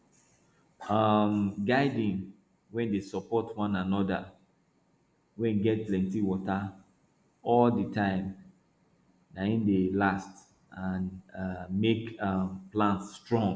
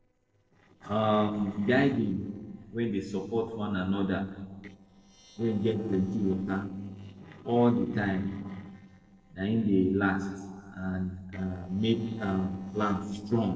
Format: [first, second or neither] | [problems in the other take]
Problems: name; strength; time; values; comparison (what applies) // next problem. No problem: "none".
first | noise reduction (neural separator model SepFormer DNS4)